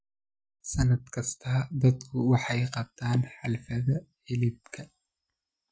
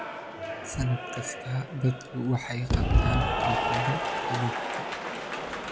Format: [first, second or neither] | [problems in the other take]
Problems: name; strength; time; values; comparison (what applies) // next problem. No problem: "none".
first | background sound (Applause / Cheering); 3 dB above the speech